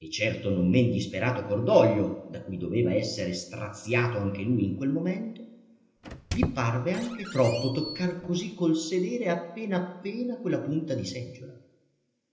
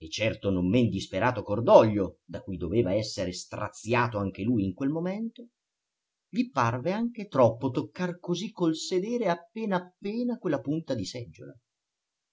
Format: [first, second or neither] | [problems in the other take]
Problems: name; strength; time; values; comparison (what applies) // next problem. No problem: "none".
second | background sound (Squeak); 9 dB below the speech // room echo; dies away in 0.8 s